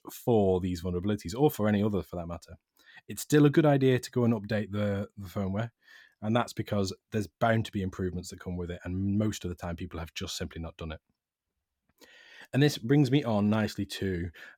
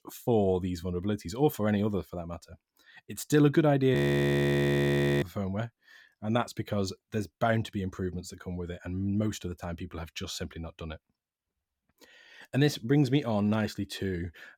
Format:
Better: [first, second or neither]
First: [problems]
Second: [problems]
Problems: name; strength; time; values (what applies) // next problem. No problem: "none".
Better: first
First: none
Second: audio freezing; at 4 s for 1.5 s